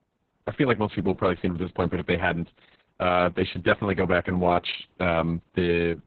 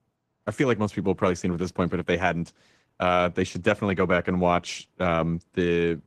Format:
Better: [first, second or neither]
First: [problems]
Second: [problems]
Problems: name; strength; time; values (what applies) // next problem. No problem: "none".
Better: second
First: garbled, watery; badly; nothing above 4 kHz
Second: garbled, watery; slightly; nothing above 11.5 kHz